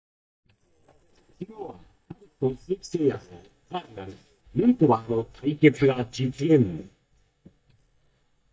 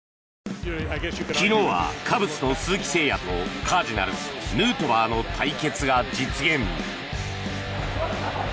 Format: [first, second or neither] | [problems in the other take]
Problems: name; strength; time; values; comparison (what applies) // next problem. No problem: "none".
second | noise reduction (neural mask model DeepFilterNet 3)